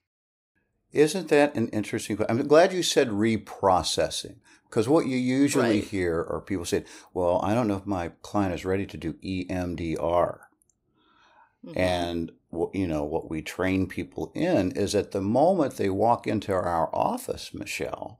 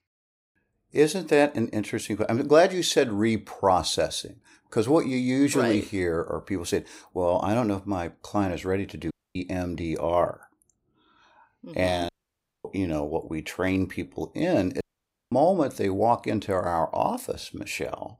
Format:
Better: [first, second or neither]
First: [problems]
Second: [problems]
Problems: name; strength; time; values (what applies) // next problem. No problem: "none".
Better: first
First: none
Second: audio cutting out; at 9 s, at 12 s for 0.5 s and at 15 s for 0.5 s